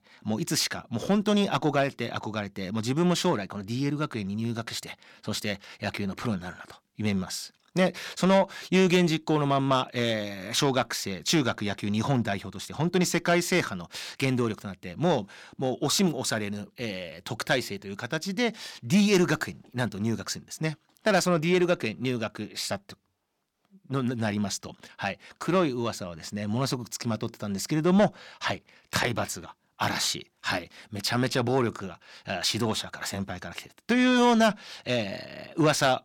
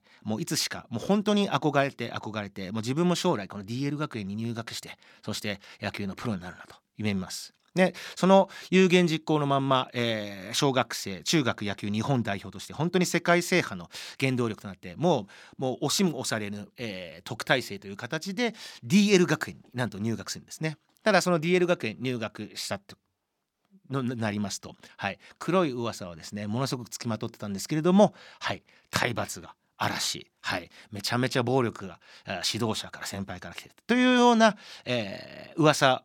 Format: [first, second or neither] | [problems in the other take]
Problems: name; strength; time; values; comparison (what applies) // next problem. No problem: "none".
second | distortion; slight; 10 dB below the speech